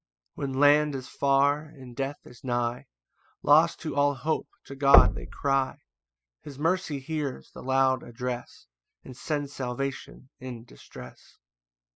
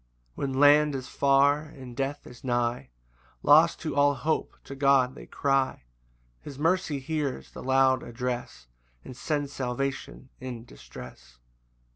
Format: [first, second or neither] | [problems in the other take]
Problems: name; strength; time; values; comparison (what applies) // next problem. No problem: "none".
second | noise reduction (classical method spectral subtraction)